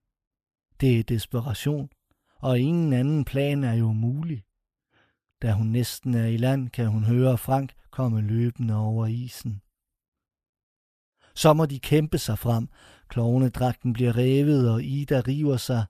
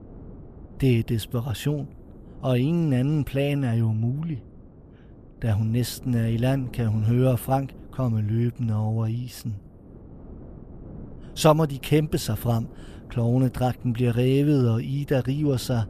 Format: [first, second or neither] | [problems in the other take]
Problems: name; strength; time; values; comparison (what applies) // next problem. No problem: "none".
first | wind noise on the microphone; occasional gusts; 25 dB below the speech